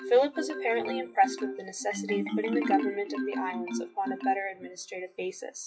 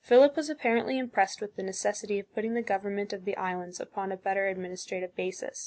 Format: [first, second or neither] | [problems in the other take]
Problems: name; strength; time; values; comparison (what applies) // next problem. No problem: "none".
second | noise reduction (classical method WPE with log-MMSE)